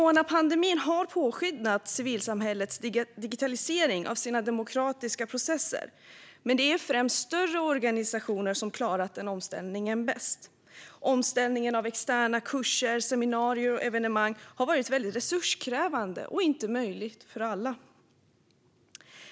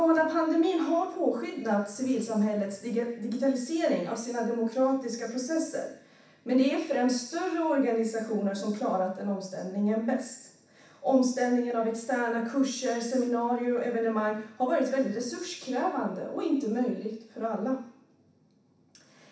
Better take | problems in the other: first | room echo; dies away in 0.7 s

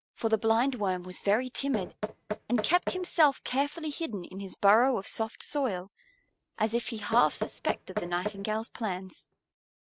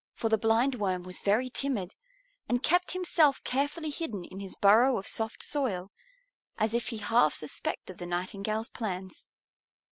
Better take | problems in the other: second | noise reduction (neural mask model RNNoise)

